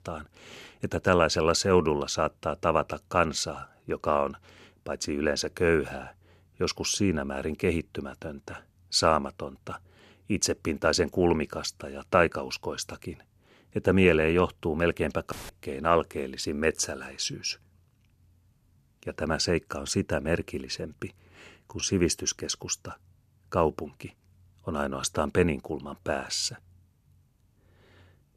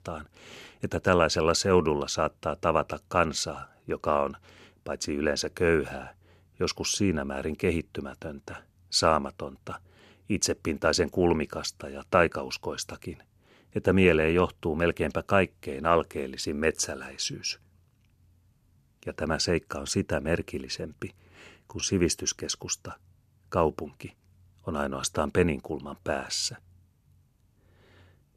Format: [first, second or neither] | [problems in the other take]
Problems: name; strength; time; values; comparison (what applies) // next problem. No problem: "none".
second | audio cutting out; filled with static; at 15 s